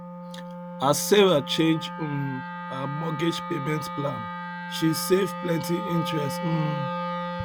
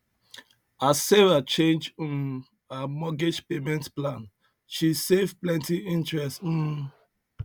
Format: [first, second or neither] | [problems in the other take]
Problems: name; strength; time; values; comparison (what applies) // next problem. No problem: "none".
second | background sound (Wind instrument, woodwind instrument); 7 dB below the speech